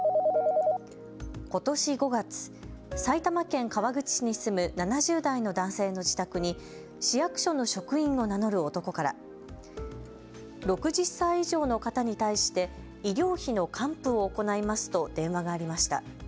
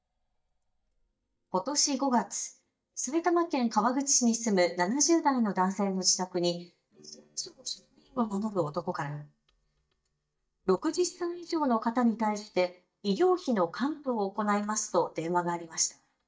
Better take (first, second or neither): first